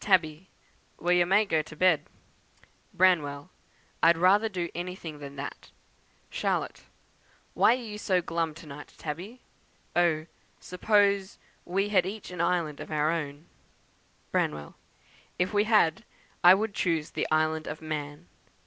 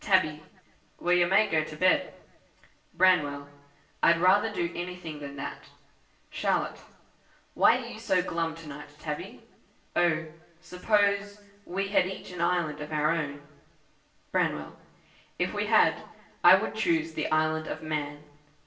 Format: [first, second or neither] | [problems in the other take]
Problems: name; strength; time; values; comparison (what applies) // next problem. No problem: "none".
first | room echo; dies away in 0.8 s